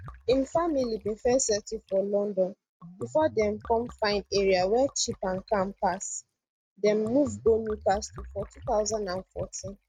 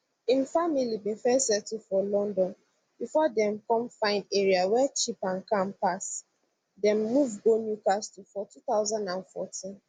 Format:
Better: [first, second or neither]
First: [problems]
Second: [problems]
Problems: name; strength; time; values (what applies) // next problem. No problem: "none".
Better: second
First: noise reduction (neural mask model RNNoise)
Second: none